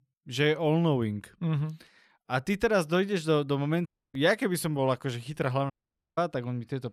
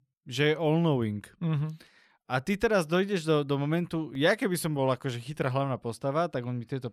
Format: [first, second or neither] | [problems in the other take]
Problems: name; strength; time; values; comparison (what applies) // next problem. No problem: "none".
second | audio cutting out; at 4 s and at 5.5 s